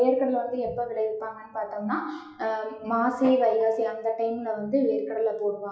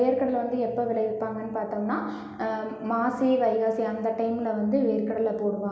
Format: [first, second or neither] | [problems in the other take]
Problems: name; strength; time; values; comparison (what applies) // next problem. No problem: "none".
second | noise reduction (classical method log-MMSE)